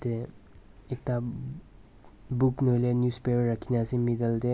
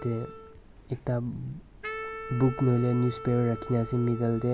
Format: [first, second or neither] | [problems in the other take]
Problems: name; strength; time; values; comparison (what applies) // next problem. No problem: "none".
first | background sound (Wind instrument, woodwind instrument); 13 dB below the speech